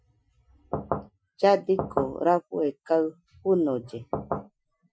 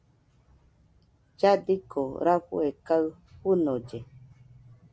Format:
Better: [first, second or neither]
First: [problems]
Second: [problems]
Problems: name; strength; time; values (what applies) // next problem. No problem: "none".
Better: second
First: noise reduction (classical method Wiener filter)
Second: none